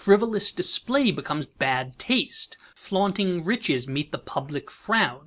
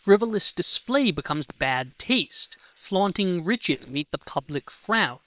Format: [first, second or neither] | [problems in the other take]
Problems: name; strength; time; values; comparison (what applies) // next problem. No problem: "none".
first | noise reduction (neural separator model SepFormer WHAM!)